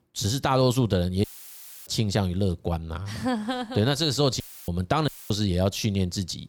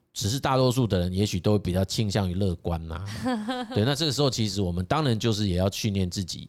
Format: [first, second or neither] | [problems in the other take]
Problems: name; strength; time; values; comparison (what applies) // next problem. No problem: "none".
second | audio cutting out; filled with static; at 1 s for 0.5 s, at 4.5 s and at 5 s